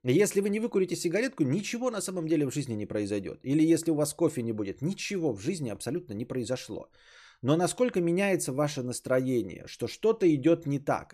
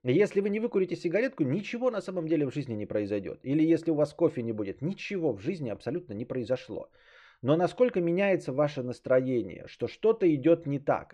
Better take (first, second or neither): first